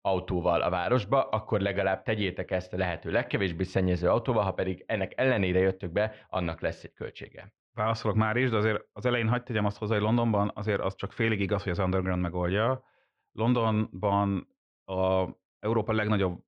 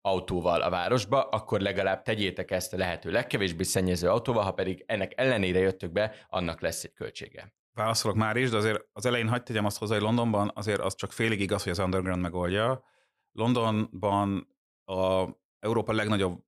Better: second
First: muffled; slightly; fading above 3 kHz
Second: none

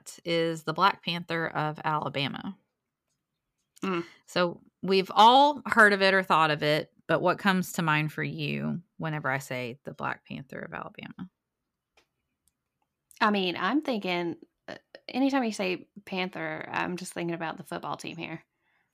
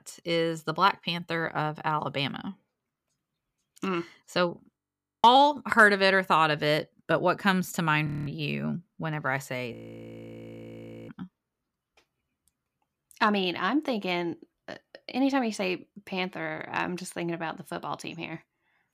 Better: first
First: none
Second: audio freezing; at 5 s, at 8 s and at 9.5 s for 1.5 s

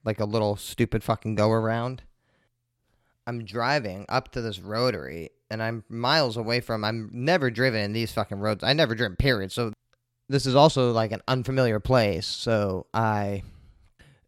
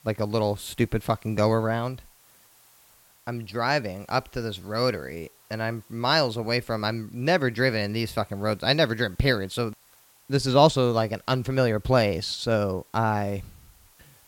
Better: first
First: none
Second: hiss; faint; throughout; 30 dB below the speech

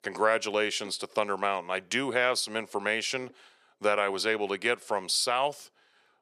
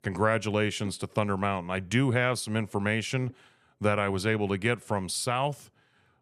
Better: second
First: thin; somewhat; fading below 450 Hz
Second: none

